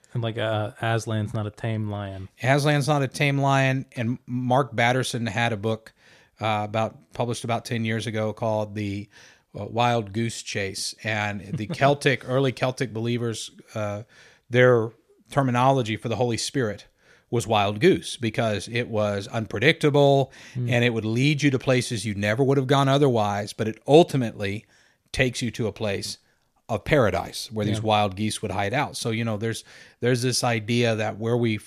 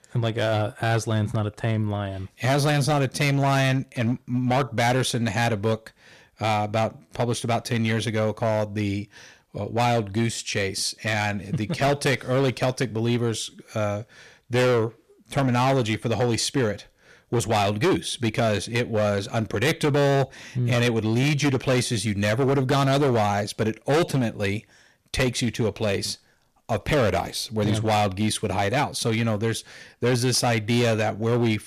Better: first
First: none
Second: distortion; heavy; 11% of the sound clipped

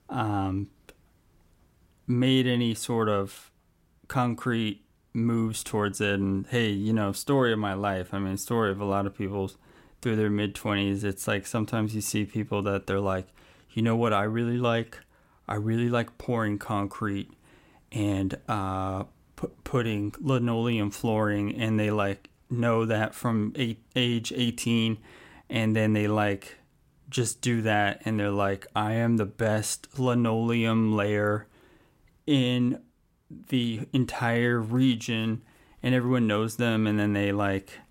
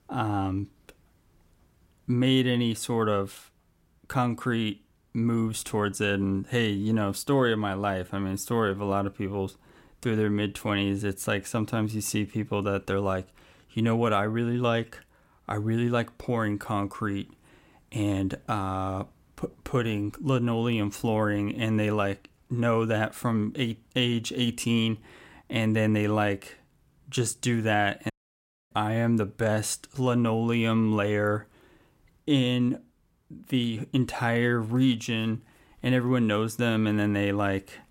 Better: first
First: none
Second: audio cutting out; at 28 s for 0.5 s

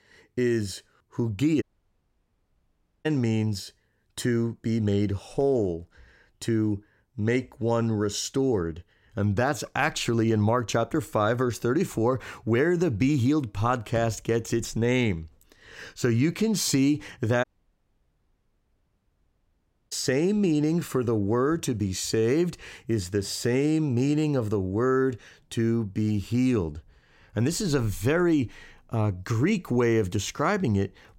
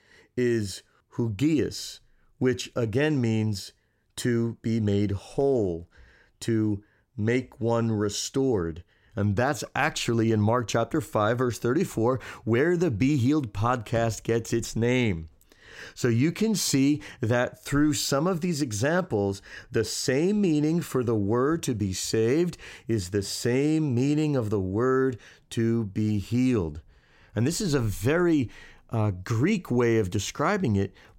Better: second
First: audio cutting out; at 1.5 s for 1.5 s and at 17 s for 2.5 s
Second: none

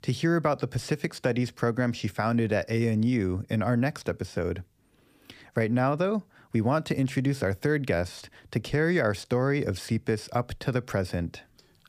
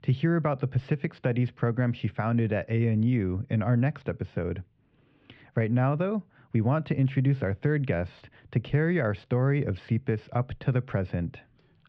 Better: first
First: none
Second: muffled; very; fading above 3 kHz

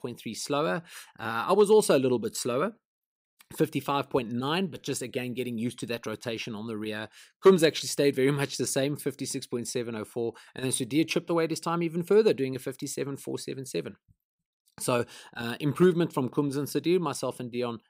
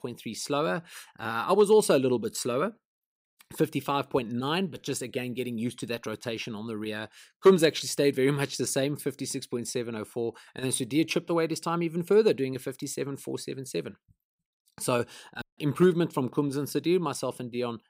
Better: first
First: none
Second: audio cutting out; at 15 s

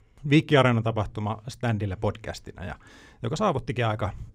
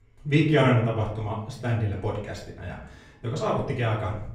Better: first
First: none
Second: room echo; slight; dies away in 0.5 s // off-mic speech; far

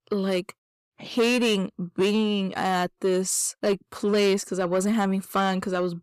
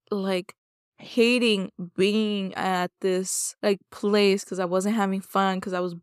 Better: second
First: distortion; slight; 10 dB below the speech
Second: none

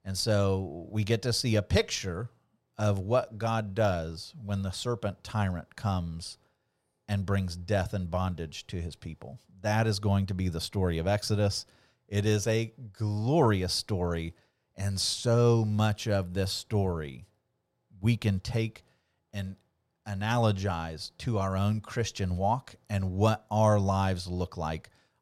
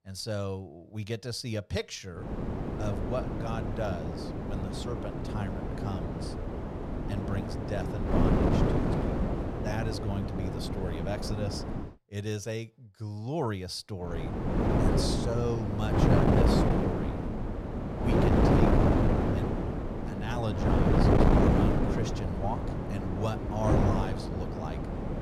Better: first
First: none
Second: wind noise on the microphone; heavy; from 2 to 12 s and from 14 s on; 5 dB above the speech

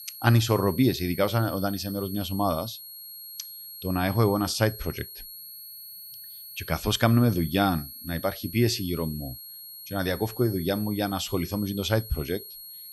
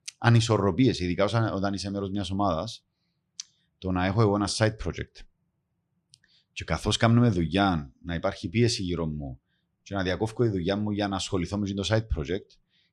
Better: second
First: high-pitched whine; noticeable; throughout; 11.5 kHz, 15 dB below the speech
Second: none

